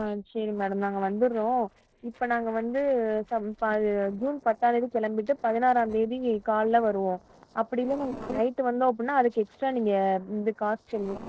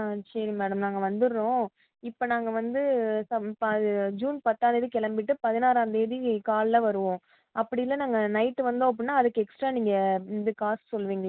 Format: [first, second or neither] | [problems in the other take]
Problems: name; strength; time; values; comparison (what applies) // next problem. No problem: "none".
second | noise reduction (neural separator model SepFormer DNS4)